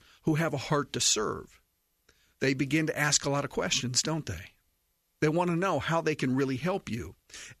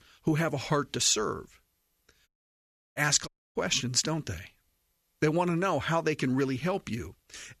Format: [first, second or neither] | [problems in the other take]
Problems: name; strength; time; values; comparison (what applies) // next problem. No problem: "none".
first | audio cutting out; at 2.5 s for 0.5 s and at 3.5 s